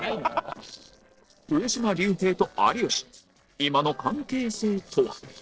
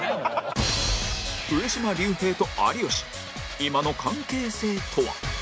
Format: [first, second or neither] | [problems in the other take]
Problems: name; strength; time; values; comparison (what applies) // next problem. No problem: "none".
second | noise reduction (neural separator model SepFormer DNS4)